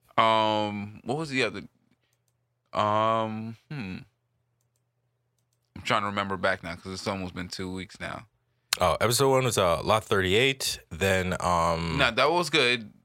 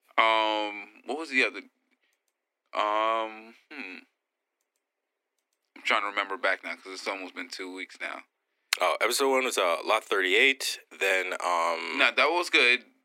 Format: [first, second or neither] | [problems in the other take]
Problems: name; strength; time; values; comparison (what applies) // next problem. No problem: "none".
first | thin; somewhat; fading below 250 Hz